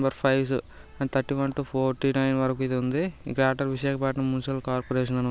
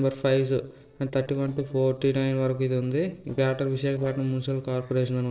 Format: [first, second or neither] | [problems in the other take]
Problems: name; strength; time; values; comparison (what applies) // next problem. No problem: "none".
first | noise reduction (neural separator model SepFormer DNS4)